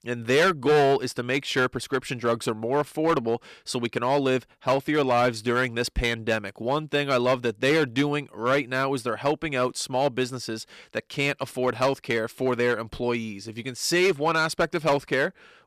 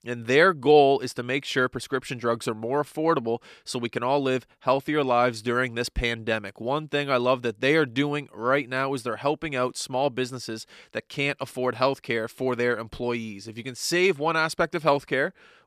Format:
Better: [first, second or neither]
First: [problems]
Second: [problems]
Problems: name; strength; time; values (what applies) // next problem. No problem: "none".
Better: second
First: distortion; slight; 4% of the sound clipped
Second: none